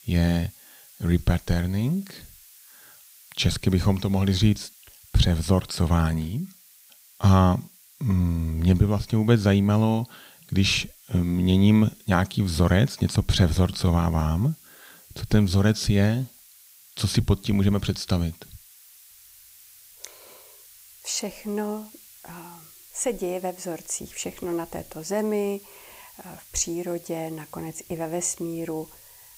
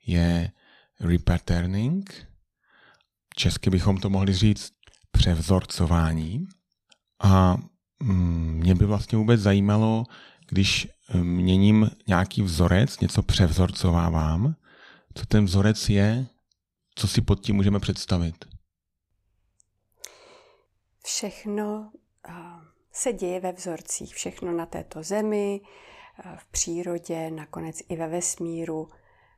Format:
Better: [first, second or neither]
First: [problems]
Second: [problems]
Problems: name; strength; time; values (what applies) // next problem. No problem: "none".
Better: second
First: hiss; faint; throughout; 25 dB below the speech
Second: none